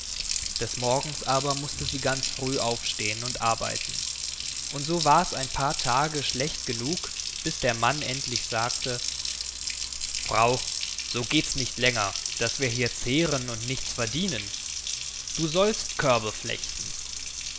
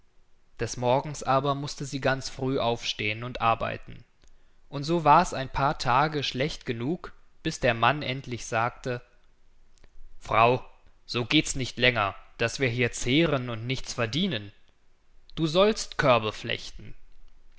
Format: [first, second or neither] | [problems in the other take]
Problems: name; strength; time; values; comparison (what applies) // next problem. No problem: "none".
second | background sound (Water tap, faucet); 3 dB below the speech